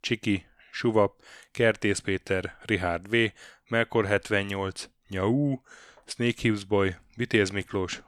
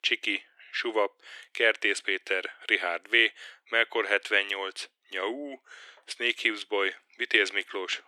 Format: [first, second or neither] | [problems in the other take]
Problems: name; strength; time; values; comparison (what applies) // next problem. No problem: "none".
first | thin; very; fading below 350 Hz